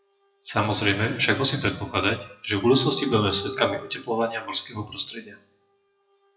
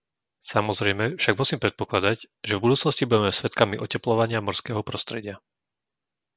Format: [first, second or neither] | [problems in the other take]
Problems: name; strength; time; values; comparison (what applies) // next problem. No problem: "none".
second | noise reduction (classical method WPE with log-MMSE)